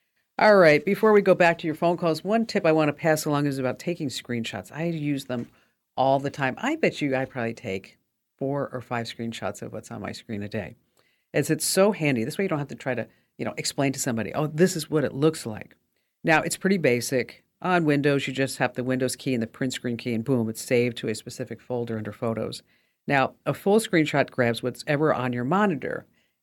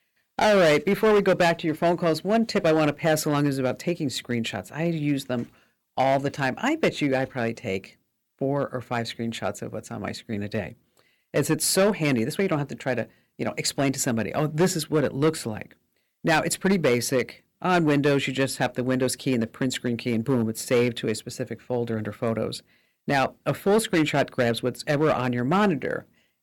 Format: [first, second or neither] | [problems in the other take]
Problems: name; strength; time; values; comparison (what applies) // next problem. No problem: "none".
first | distortion; slight; 5% of the sound clipped